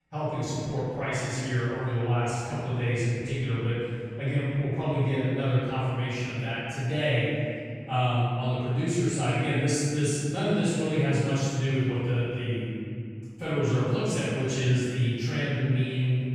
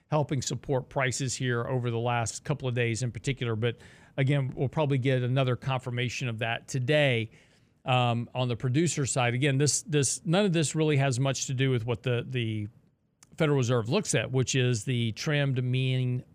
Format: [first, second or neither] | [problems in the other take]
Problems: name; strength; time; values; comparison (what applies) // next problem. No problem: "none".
second | off-mic speech; far // room echo; strong; dies away in 2.1 s